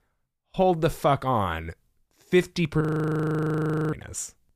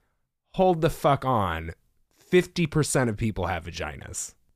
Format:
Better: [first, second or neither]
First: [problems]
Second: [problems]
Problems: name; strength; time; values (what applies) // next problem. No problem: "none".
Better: second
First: audio freezing; at 3 s for 1 s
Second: none